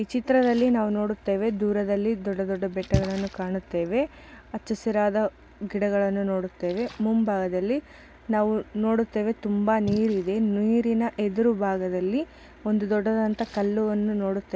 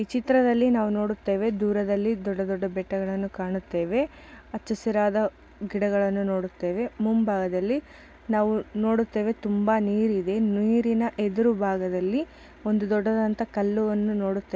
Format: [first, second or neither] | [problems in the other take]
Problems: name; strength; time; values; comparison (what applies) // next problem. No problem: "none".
second | background sound (Splash, splatter); 16 dB below the speech